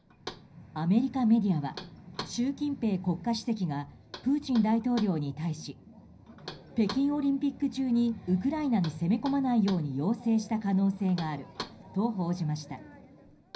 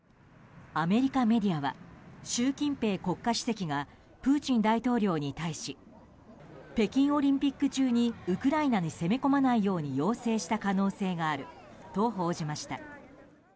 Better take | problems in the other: second | background sound (Knock); 19 dB below the speech // room echo; dies away in 0.5 s

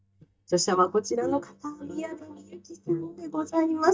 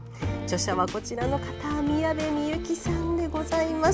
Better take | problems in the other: second | noise reduction (neural mask model DeepFilterNet 3)

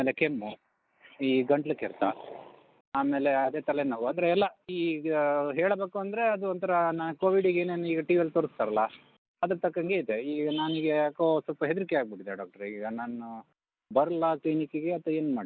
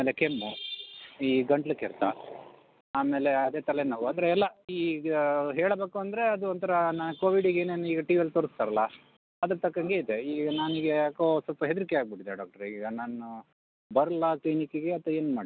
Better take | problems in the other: second | noise reduction (neural mask model Resemble Enhance denoiser)

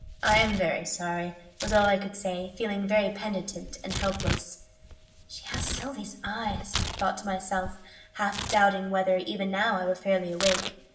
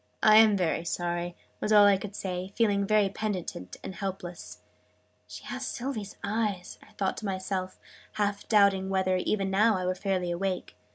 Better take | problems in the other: second | background sound (Tearing); 8 dB below the speech // room echo; dies away in 0.7 s

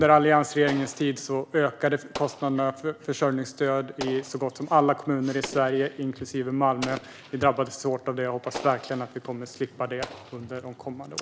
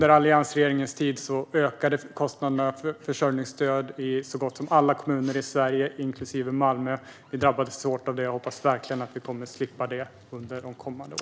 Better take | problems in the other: second | background sound (Explosion); 17 dB below the speech

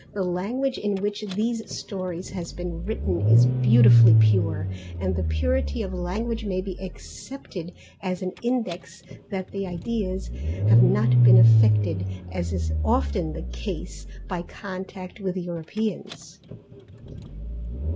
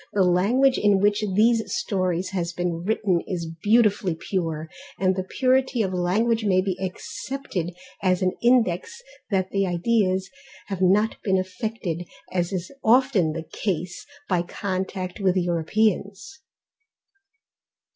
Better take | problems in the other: second | background sound (Engine starting / Car); 5 dB above the speech

